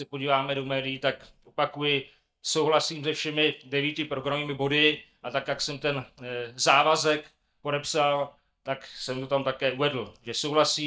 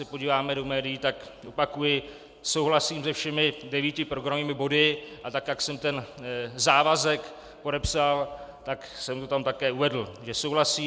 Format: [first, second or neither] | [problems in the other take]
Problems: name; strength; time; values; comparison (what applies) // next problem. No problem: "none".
second | noise reduction (neural mask model DeepFilterNet 3)